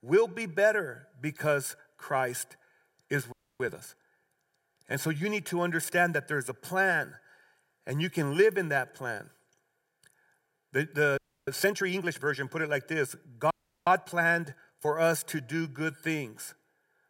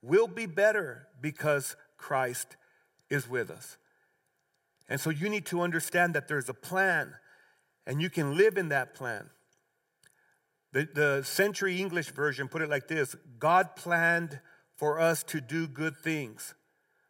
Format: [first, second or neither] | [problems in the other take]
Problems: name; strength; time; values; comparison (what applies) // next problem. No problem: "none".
second | audio freezing; at 3.5 s, at 11 s and at 14 s